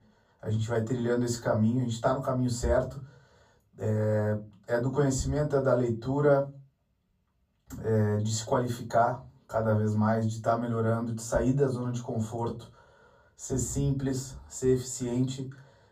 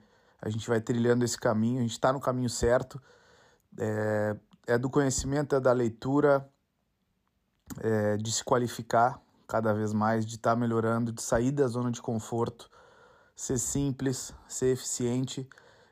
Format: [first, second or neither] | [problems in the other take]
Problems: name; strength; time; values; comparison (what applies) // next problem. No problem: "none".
second | off-mic speech; far // room echo; very slight; dies away in 0.3 s